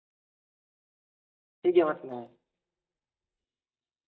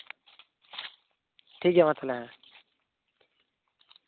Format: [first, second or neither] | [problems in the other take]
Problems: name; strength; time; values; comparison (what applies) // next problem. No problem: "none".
second | noise reduction (neural mask model DeepFilterNet 3)